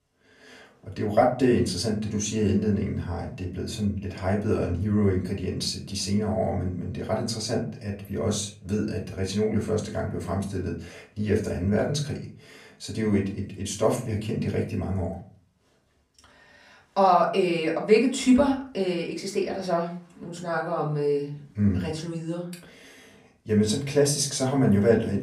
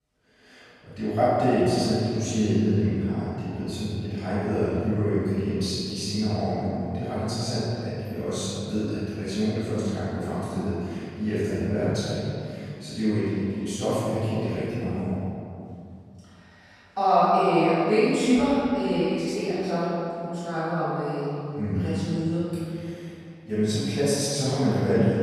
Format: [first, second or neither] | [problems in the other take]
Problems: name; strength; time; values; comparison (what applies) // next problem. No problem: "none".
first | room echo; strong; dies away in 2.4 s; slight in the first // off-mic speech; far; far in the first